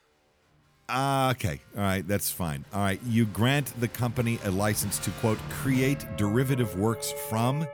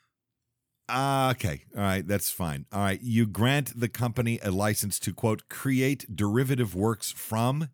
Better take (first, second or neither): second